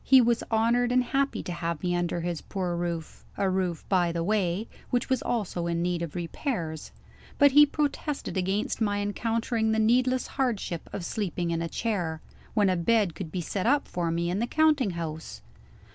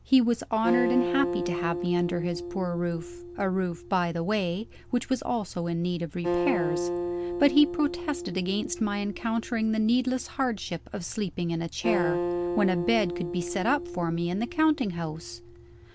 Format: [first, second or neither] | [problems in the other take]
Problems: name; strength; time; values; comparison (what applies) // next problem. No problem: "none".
first | background sound (Acoustic guitar); 5 dB below the speech